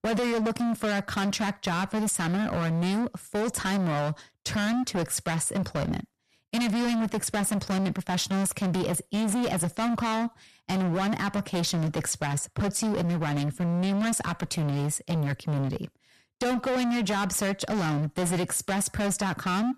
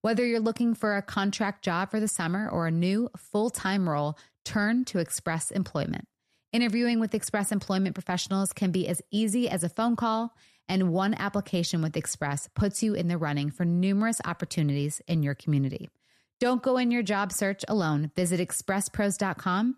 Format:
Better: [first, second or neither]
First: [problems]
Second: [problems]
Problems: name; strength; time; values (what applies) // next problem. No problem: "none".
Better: second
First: distortion; heavy; 35% of the sound clipped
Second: none